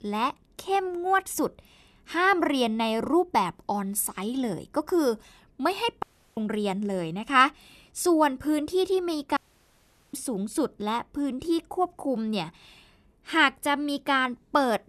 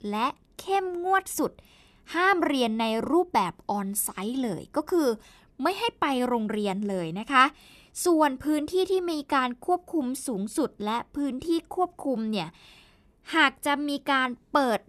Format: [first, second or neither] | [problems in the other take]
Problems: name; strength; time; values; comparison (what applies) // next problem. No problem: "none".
second | audio cutting out; at 6 s and at 9.5 s for 1 s